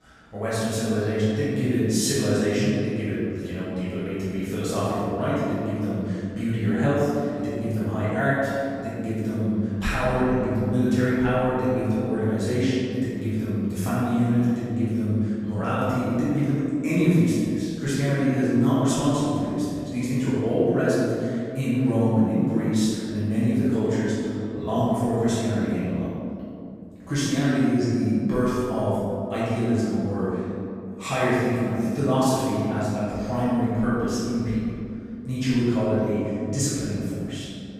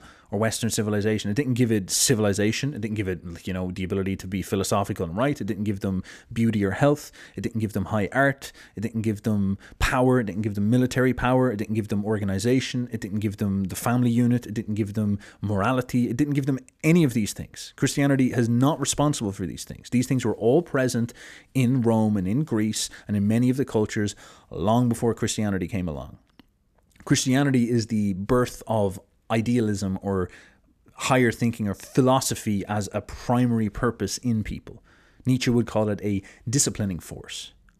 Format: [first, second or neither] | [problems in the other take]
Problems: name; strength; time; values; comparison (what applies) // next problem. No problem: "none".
second | off-mic speech; far // room echo; strong; dies away in 2.5 s